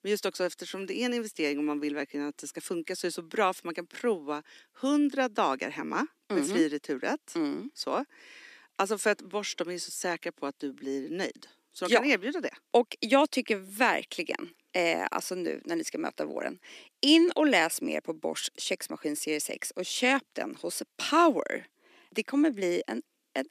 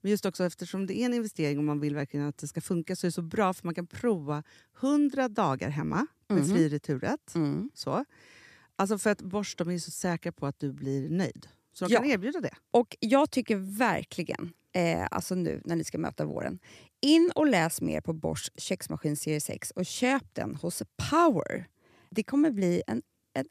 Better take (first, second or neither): second